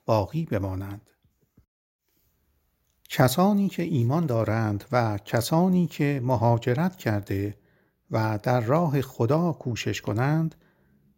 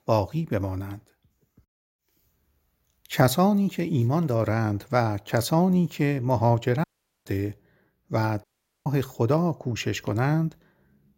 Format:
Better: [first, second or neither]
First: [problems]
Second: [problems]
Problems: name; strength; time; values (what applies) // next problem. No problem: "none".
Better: first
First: none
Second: audio cutting out; at 7 s and at 8.5 s